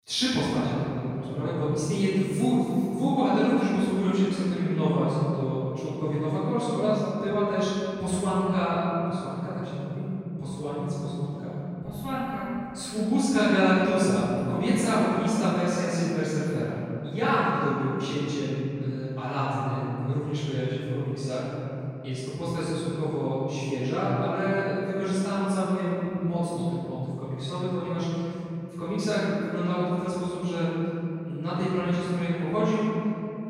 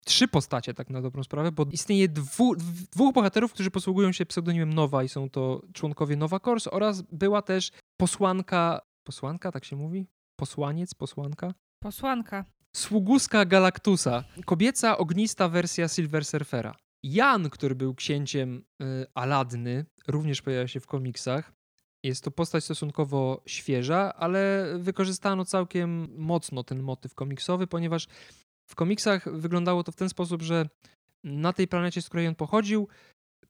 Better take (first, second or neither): second